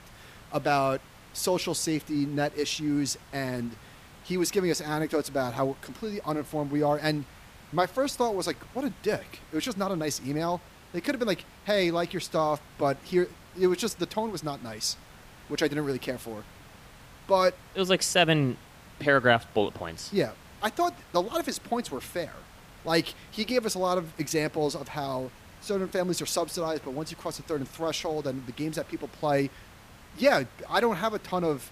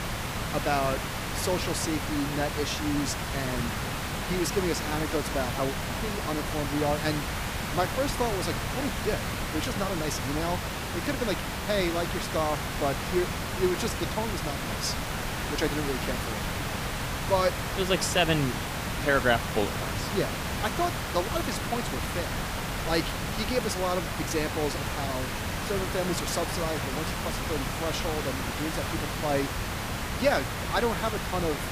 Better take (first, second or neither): first